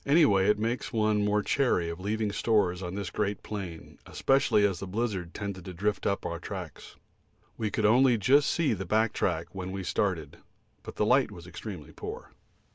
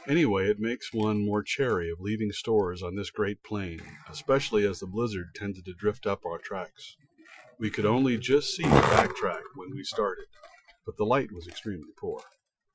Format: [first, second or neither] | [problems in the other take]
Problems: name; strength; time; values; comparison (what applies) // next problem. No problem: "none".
first | noise reduction (classical method Wiener filter)